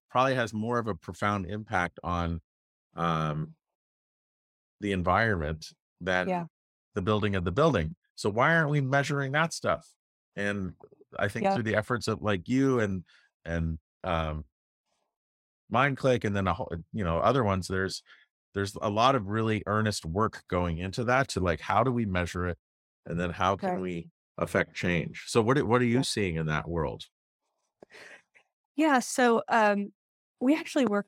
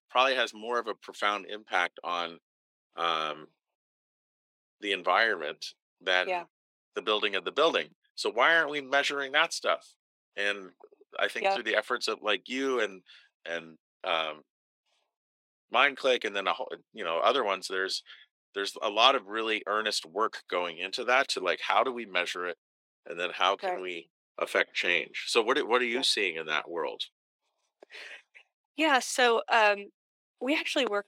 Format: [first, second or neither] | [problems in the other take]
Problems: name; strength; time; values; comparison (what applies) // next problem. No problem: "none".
first | thin; somewhat; fading below 350 Hz